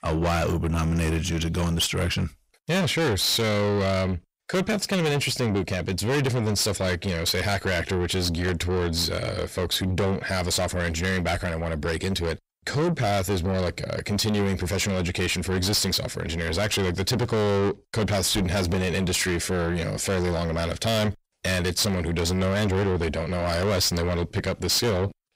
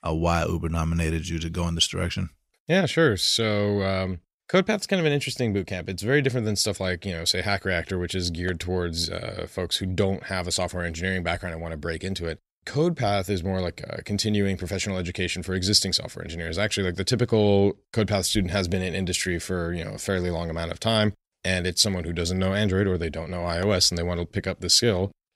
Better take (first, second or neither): second